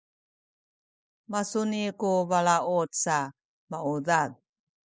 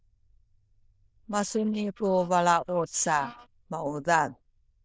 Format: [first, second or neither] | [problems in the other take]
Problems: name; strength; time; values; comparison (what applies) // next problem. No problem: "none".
first | noise reduction (neural diffusion model UNIVERSE++)